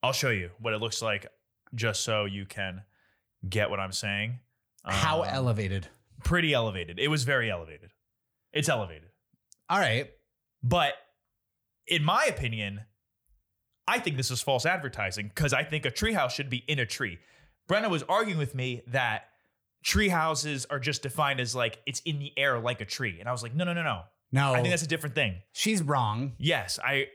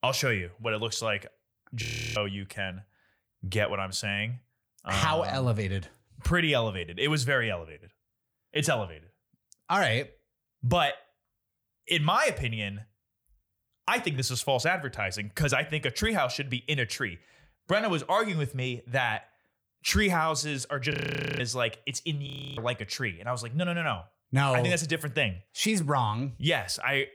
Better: first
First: none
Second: audio freezing; at 2 s, at 21 s and at 22 s

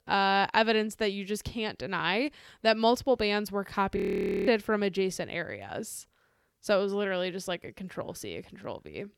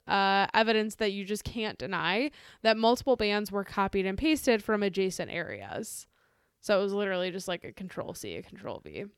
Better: second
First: audio freezing; at 4 s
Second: none

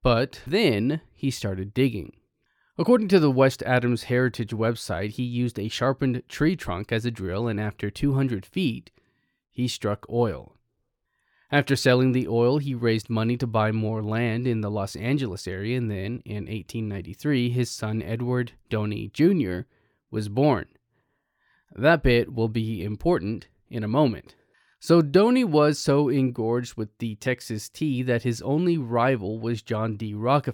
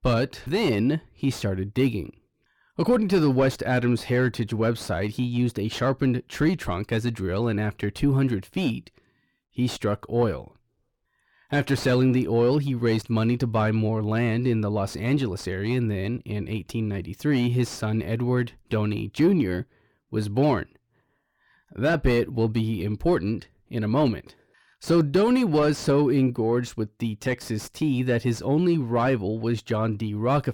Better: first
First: none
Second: distortion; slight; 10 dB below the speech

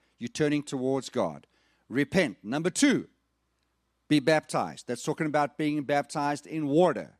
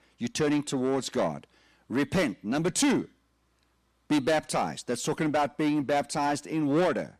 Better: first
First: none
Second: distortion; heavy; 8 dB below the speech

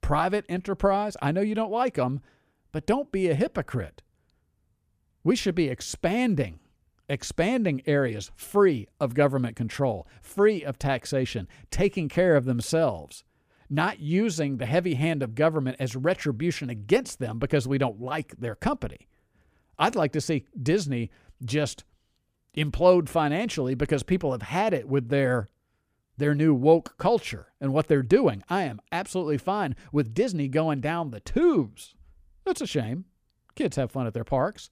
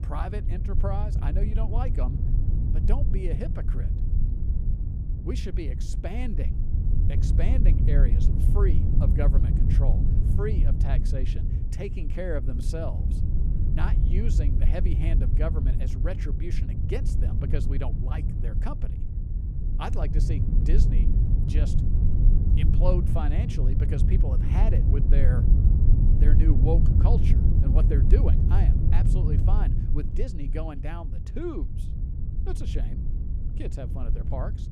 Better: first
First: none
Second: low rumble; loud; throughout; 3 dB below the speech

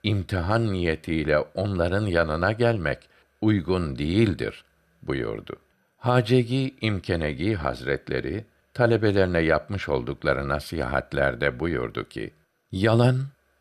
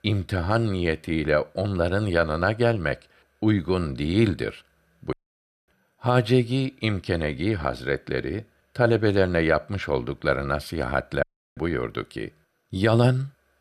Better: first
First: none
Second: audio cutting out; at 5 s for 0.5 s and at 11 s

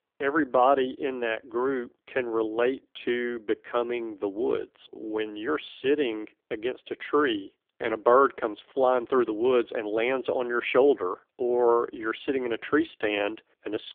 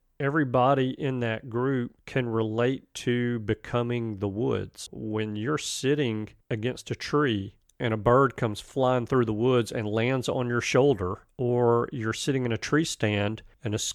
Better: second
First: phone-call audio; poor line; nothing above 3.5 kHz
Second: none

